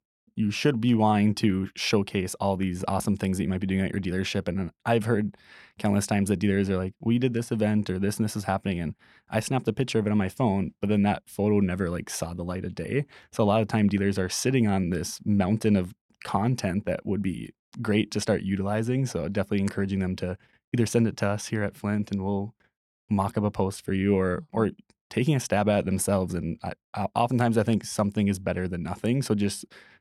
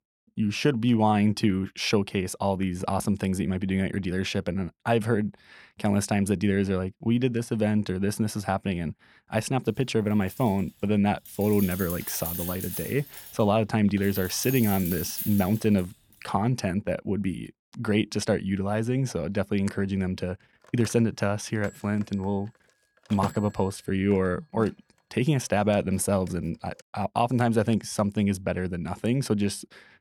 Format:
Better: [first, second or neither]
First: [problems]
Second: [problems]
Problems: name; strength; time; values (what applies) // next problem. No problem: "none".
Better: first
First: none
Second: jangling keys; noticeable; from 10 to 16 s; peak 4 dB below the speech // phone ringing; noticeable; from 21 to 25 s; peak 9 dB below the speech